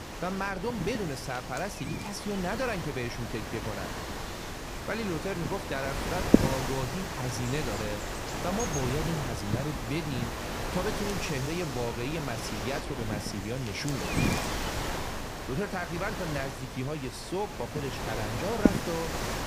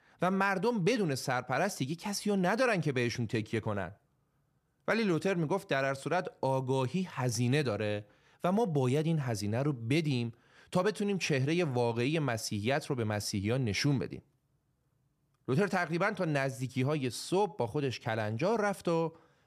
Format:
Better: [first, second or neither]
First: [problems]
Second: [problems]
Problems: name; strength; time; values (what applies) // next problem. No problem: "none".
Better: second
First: wind noise on the microphone; heavy; 1 dB above the speech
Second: none